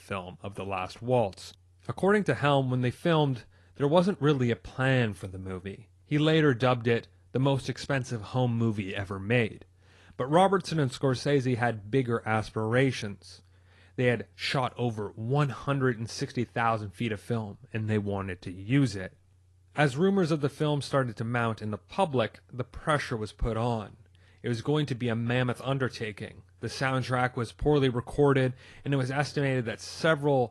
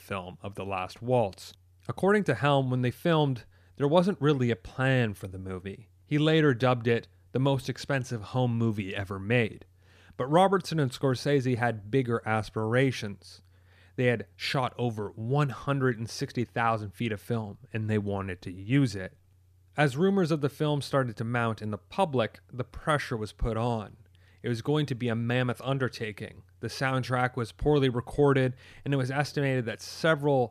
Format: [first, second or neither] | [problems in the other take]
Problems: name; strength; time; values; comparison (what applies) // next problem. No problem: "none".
second | garbled, watery; slightly